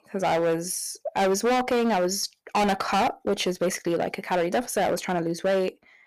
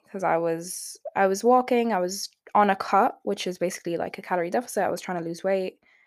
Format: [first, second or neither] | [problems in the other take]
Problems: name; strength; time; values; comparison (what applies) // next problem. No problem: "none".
second | distortion; heavy; 15% of the sound clipped